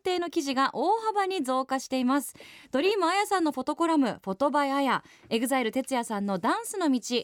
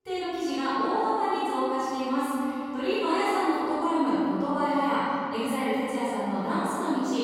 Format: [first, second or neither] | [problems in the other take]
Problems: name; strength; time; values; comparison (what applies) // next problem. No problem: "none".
first | room echo; strong; dies away in 2.7 s // off-mic speech; far